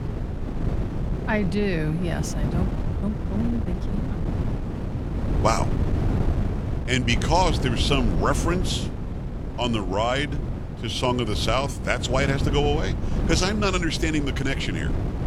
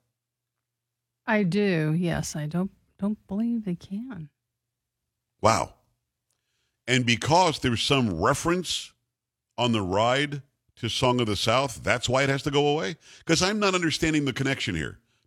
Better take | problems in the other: second | wind noise on the microphone; occasional gusts; 10 dB below the speech

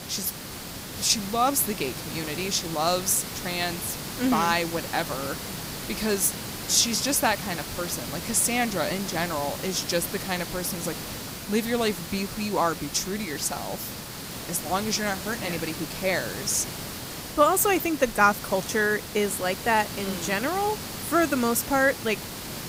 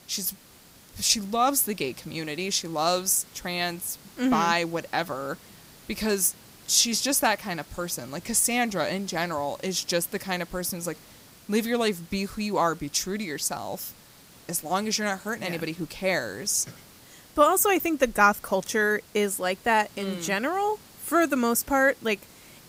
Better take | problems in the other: second | hiss; loud; throughout; 8 dB below the speech; faint in the second

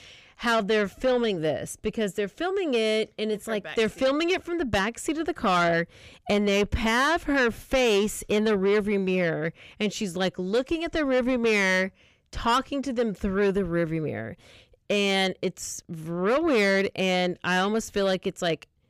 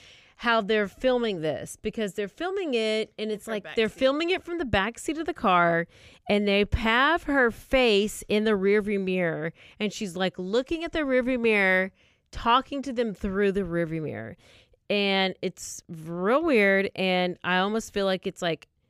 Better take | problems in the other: second | distortion; slight; 10 dB below the speech

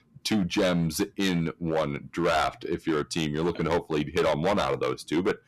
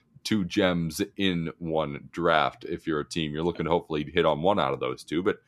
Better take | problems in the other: second | distortion; heavy; 10% of the sound clipped

